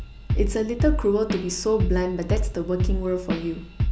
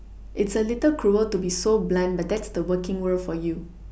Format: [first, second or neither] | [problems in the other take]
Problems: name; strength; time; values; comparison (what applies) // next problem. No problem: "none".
second | background sound (Drum / Drum kit); 1 dB below the speech